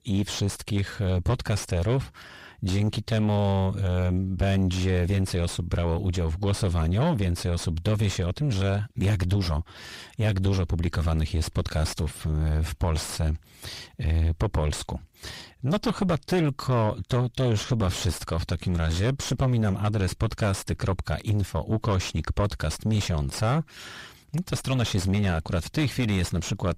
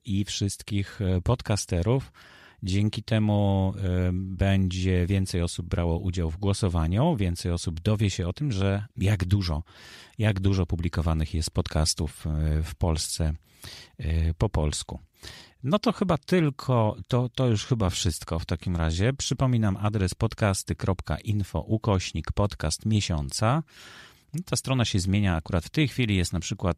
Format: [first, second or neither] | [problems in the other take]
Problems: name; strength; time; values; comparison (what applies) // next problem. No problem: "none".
second | distortion; heavy; 5 dB below the speech